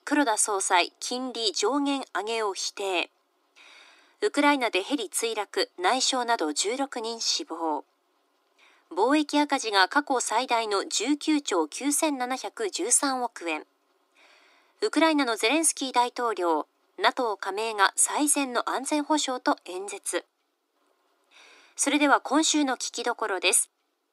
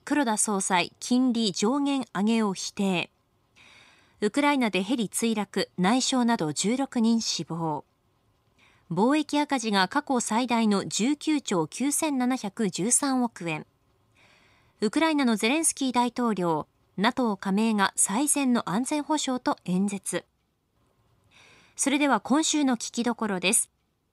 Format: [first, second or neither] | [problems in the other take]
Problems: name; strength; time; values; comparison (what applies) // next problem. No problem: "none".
second | thin; somewhat; fading below 300 Hz